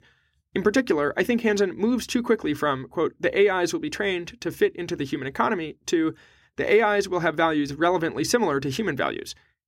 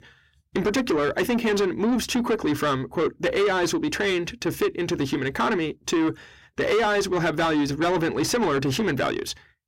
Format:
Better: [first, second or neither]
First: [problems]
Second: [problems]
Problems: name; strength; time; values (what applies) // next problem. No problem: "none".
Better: first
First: none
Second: distortion; heavy; 7 dB below the speech